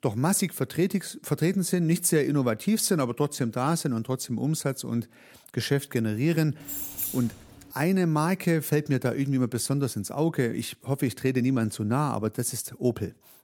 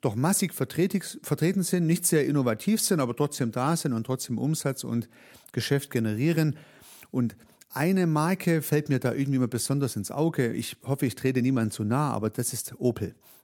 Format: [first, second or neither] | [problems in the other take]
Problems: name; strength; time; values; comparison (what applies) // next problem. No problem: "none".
second | jangling keys; noticeable; at 6.5 s; peak 3 dB below the speech